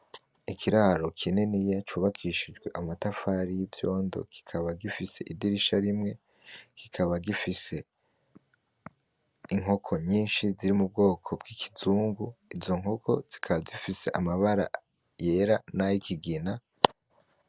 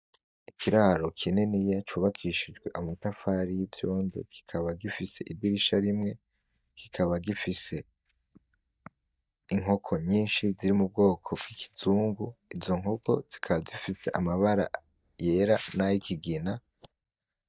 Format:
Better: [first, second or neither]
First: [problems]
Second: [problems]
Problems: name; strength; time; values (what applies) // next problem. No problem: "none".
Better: first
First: none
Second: noise reduction (neural mask model DeepFilterNet 3)